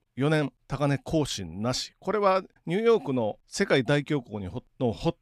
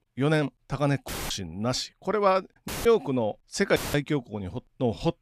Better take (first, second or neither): first